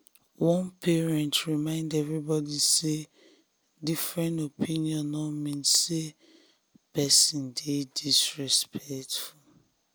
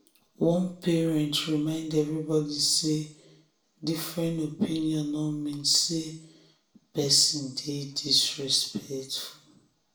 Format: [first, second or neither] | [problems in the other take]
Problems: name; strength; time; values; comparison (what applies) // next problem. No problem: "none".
first | room echo; dies away in 0.5 s